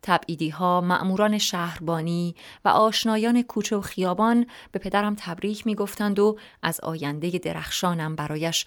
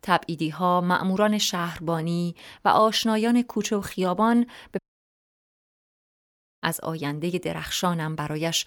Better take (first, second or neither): first